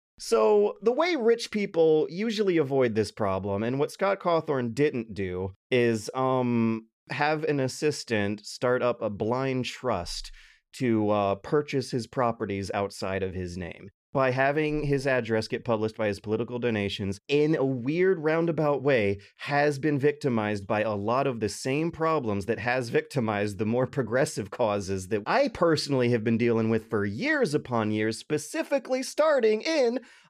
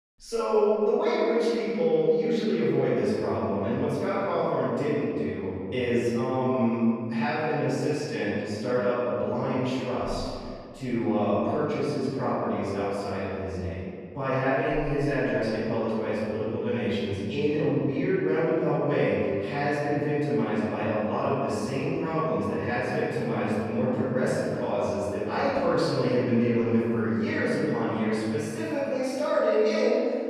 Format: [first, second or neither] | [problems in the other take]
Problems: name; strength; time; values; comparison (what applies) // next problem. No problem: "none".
first | off-mic speech; far // room echo; strong; dies away in 2.3 s